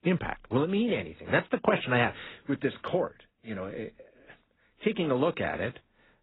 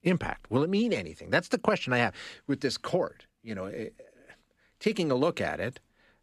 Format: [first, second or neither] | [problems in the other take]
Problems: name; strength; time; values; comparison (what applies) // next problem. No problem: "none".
second | garbled, watery; badly; nothing above 4 kHz